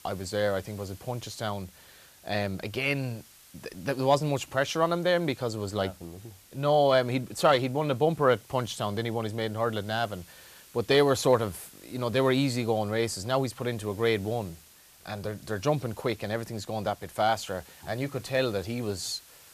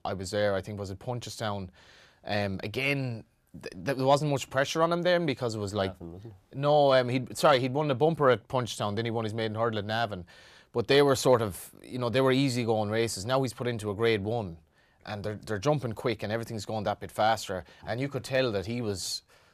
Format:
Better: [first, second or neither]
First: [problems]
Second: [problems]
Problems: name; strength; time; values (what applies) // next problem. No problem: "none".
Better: second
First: hiss; faint; throughout; 25 dB below the speech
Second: none